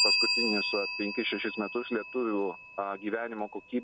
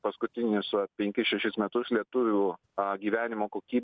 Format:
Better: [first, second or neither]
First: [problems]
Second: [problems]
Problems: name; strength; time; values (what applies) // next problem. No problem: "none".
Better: second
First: background sound (Bell); as loud as the speech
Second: none